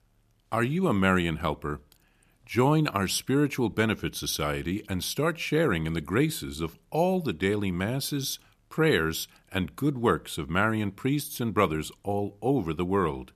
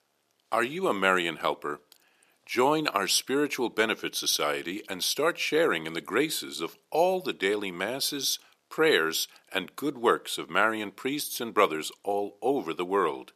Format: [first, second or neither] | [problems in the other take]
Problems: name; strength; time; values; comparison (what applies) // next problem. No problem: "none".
first | thin; somewhat; fading below 450 Hz